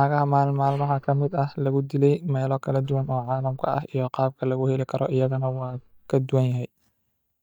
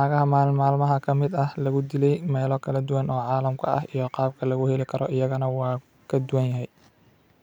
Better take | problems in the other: second | noise reduction (neural mask model DeepFilterNet 3)

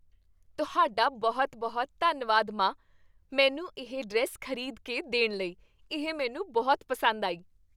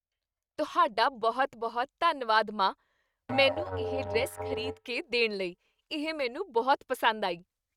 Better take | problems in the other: first | noise reduction (neural mask model RNNoise)

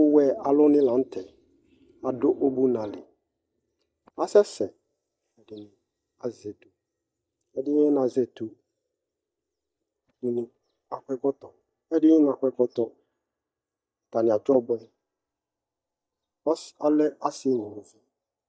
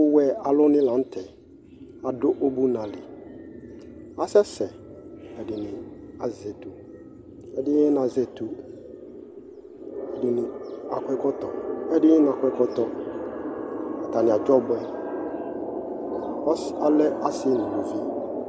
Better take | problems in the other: second | noise reduction (neural mask model DeepFilterNet 3)

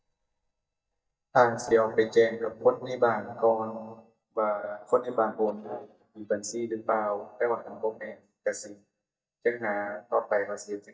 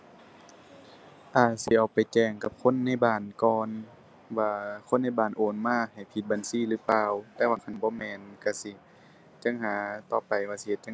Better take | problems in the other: second | noise reduction (neural mask model DeepFilterNet 3)

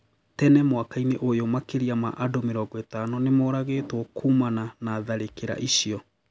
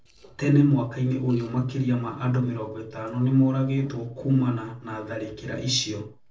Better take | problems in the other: first | noise reduction (neural separator model SepFormer DNS4)

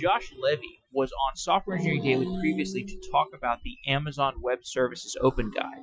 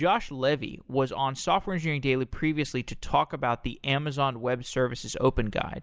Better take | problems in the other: second | noise reduction (classical method Wiener filter)

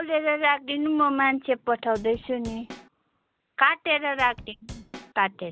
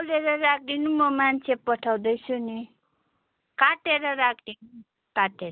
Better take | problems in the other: second | background sound (Drum / Drum kit); 17 dB below the speech

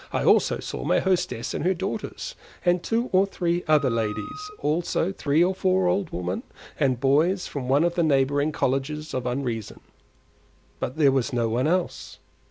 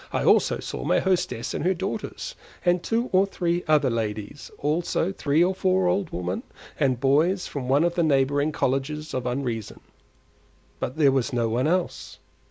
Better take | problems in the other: second | background sound (Wind instrument, woodwind instrument); 13 dB below the speech

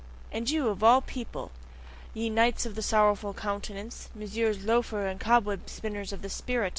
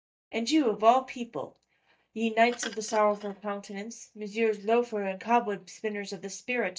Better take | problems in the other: first | noise reduction (neural mask model DeepFilterNet 3)

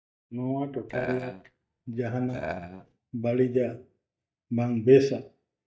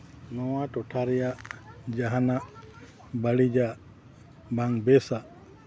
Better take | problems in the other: second | noise reduction (neural mask model DeepFilterNet 3)

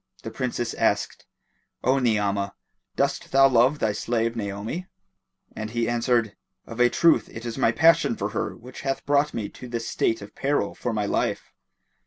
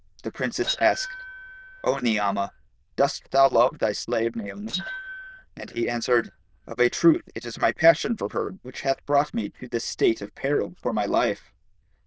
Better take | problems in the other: first | noise reduction (neural diffusion model UNIVERSE++)

